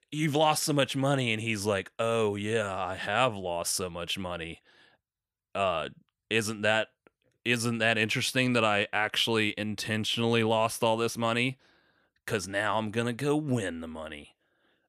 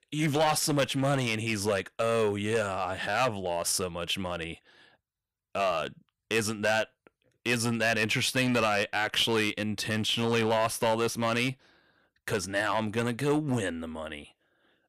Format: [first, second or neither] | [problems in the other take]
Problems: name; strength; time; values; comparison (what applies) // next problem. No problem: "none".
first | distortion; slight; 4% of the sound clipped